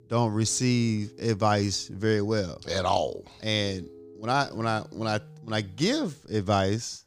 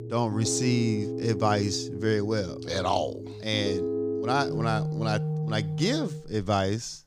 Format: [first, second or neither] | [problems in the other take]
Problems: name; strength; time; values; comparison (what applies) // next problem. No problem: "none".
first | background music; loud; throughout; 4 dB below the speech; faint in the first